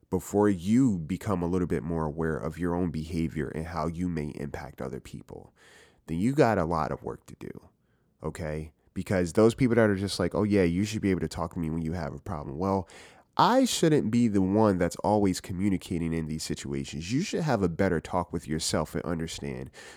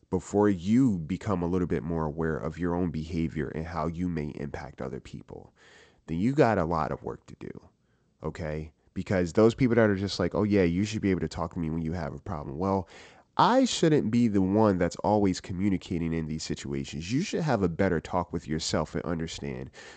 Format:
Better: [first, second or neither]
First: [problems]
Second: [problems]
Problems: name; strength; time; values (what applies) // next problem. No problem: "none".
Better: first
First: none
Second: garbled, watery; slightly; nothing above 8 kHz